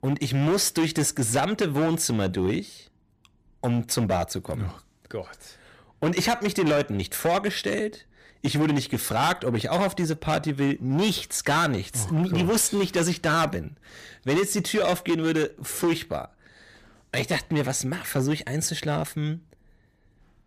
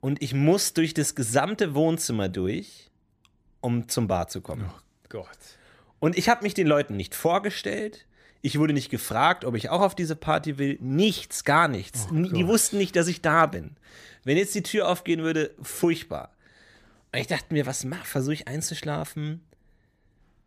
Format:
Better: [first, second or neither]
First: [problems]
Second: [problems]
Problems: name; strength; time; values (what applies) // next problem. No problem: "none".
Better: second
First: distortion; heavy; 10% of the sound clipped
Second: none